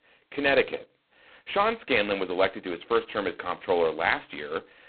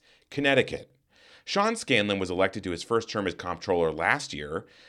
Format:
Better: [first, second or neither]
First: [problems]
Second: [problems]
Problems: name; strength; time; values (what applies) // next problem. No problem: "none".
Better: second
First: phone-call audio; poor line; nothing above 4 kHz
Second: none